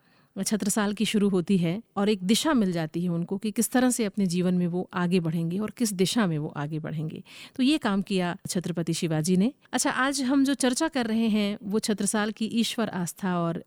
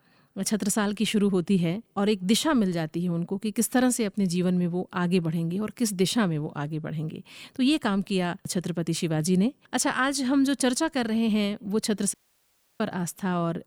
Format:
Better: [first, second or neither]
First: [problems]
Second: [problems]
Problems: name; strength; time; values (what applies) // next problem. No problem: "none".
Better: first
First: none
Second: audio cutting out; at 12 s for 0.5 s